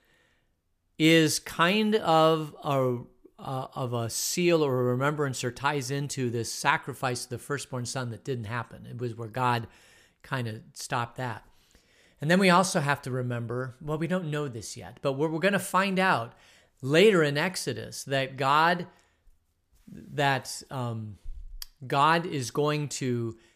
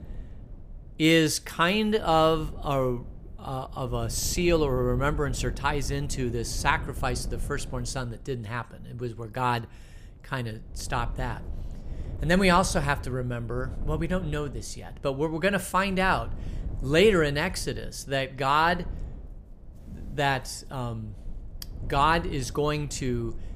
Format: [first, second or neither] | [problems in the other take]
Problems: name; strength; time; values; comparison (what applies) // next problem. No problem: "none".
first | wind noise on the microphone; occasional gusts; 25 dB below the speech